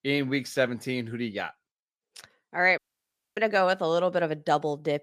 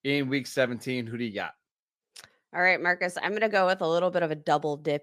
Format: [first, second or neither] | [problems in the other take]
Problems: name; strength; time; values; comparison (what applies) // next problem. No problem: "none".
second | audio cutting out; at 3 s for 0.5 s